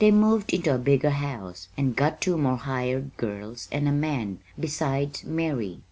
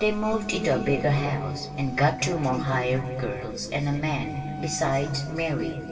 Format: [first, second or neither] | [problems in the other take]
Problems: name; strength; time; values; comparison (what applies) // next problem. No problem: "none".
first | background sound (Wind instrument, woodwind instrument); 16 dB below the speech // room echo; dies away in 2.5 s